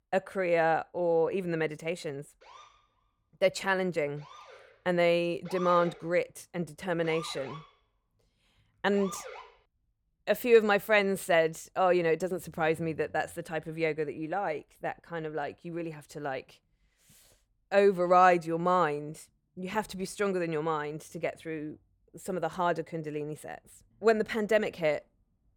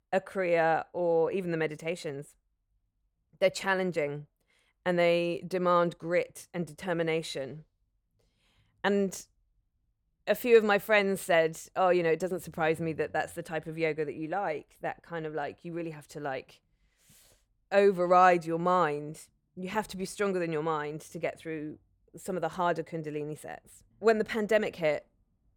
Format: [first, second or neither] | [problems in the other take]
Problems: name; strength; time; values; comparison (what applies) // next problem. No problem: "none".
second | siren; faint; from 2.5 to 9.5 s; peak 10 dB below the speech